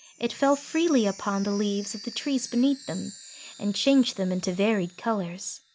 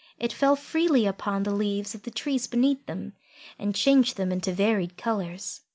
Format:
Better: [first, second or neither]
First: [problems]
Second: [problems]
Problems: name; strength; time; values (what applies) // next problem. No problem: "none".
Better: second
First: background sound (Chime); 19 dB below the speech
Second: none